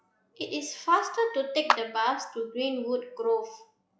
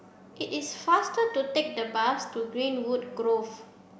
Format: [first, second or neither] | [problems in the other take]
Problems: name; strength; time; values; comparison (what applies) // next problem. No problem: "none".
second | noise reduction (classical method log-MMSE)